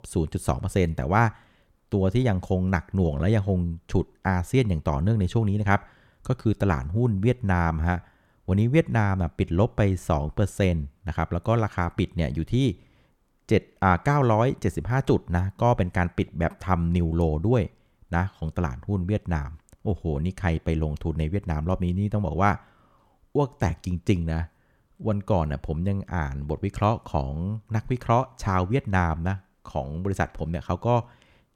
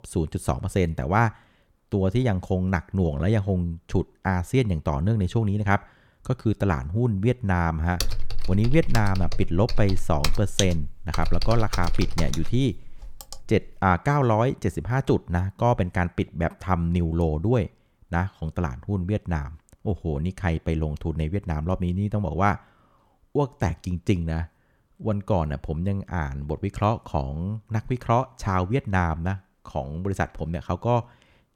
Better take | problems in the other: first | keyboard typing; noticeable; from 8 to 13 s; peak 1 dB below the speech

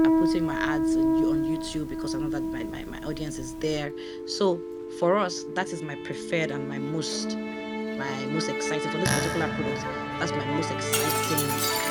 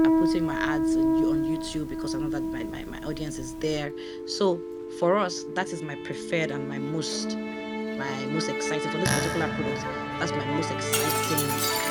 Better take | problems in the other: neither | background music; very loud; throughout; 2 dB above the speech; the same in both

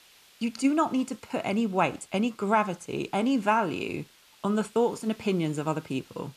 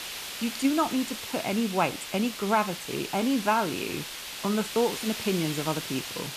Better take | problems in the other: first | hiss; loud; throughout; 6 dB below the speech; faint in the first

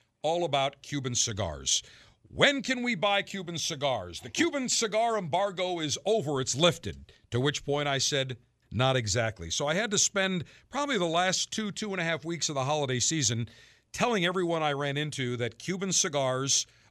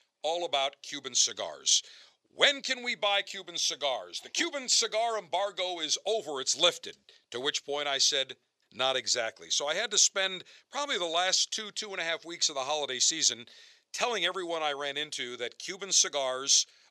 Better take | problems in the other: first | thin; somewhat; fading below 500 Hz

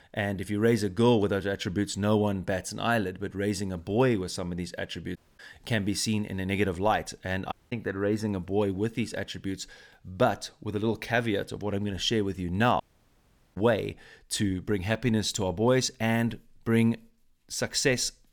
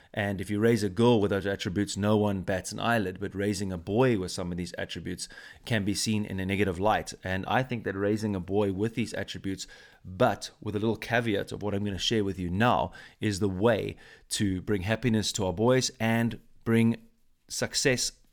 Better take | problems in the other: second | audio cutting out; at 5 s, at 7.5 s and at 13 s for 1 s

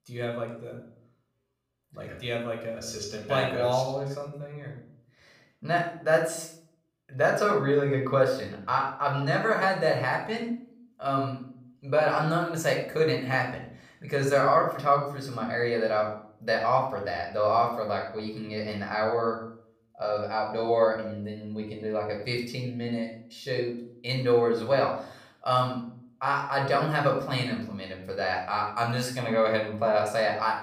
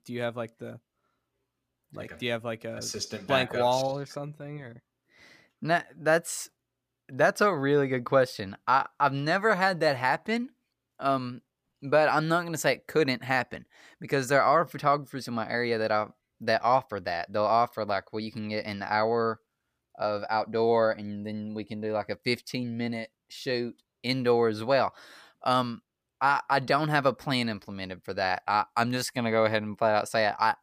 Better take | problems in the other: second | off-mic speech; somewhat distant // room echo; slight; dies away in 0.5 s

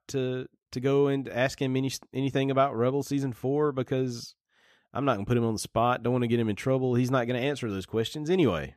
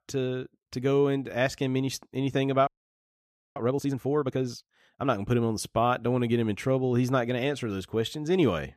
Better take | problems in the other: first | audio freezing; at 2.5 s for 1 s

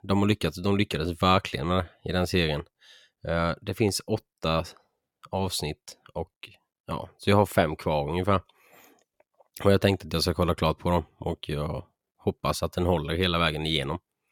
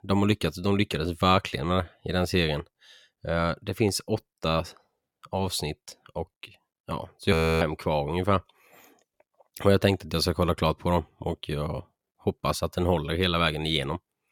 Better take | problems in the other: first | audio freezing; at 7.5 s

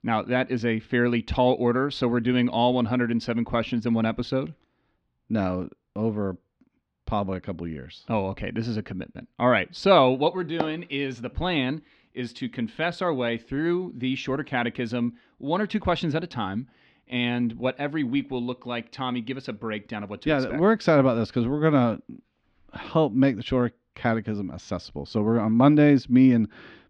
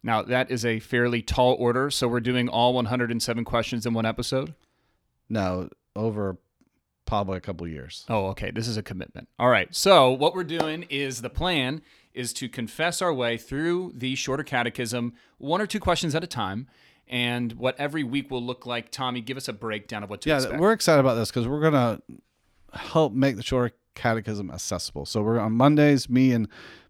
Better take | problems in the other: second | muffled; slightly; fading above 3.5 kHz

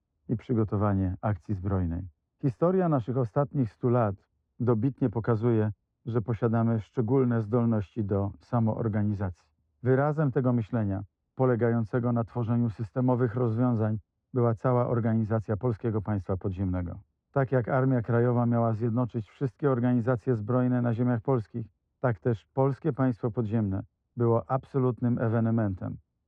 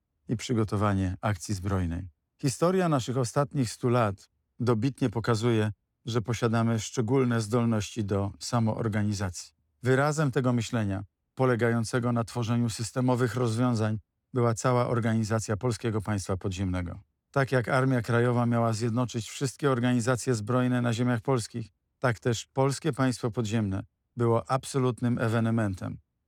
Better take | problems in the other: second | muffled; very; fading above 3.5 kHz

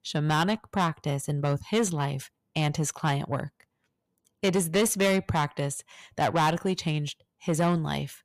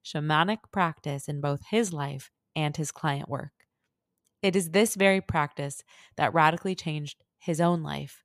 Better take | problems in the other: second | distortion; heavy; 8 dB below the speech

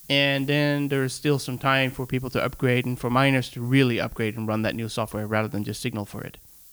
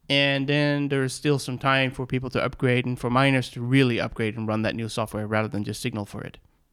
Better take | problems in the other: second | hiss; faint; throughout; 20 dB below the speech

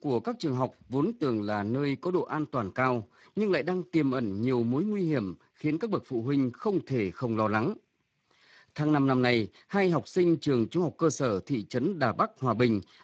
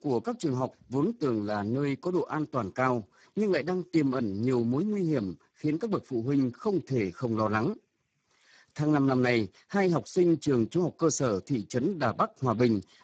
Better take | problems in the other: first | garbled, watery; badly; nothing above 7.5 kHz; slightly in the first

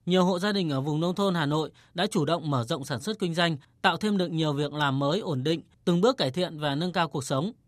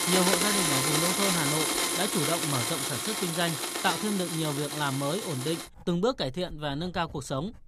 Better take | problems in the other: first | household noises; very loud; throughout; 3 dB above the speech

